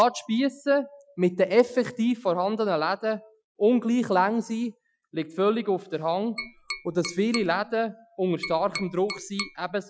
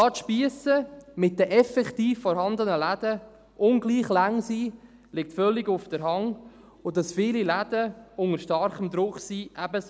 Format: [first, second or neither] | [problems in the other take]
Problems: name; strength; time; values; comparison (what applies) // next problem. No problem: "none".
second | noise reduction (classical method Wiener filter)